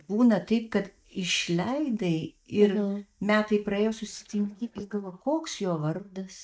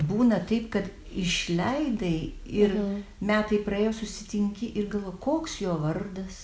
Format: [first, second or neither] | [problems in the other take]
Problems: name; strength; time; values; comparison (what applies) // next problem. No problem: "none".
second | noise reduction (neural mask model DeepFilterNet 3)